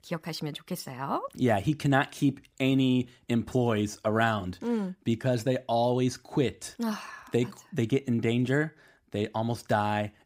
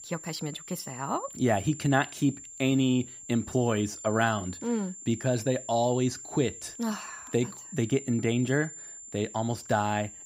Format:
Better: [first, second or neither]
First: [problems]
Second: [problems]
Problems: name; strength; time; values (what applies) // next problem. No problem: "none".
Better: first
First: none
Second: high-pitched whine; noticeable; throughout; 7.5 kHz, 15 dB below the speech